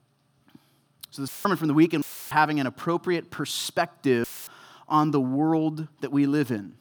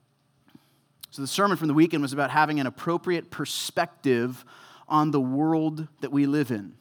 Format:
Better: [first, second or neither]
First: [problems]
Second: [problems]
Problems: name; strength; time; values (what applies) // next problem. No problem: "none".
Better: second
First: audio cutting out; filled with static; at 1.5 s, at 2 s and at 4 s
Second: none